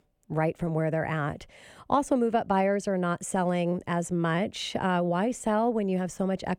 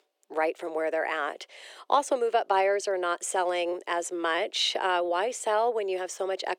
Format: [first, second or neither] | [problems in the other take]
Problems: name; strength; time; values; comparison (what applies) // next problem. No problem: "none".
first | thin; very; fading below 350 Hz